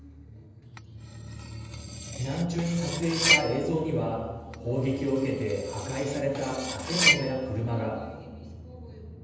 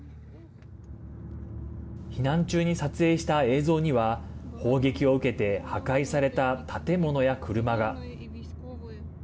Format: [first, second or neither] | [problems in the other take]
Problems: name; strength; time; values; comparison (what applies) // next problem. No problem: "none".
second | background sound (Cutlery, silverware); 1 dB below the speech // room echo; dies away in 1.1 s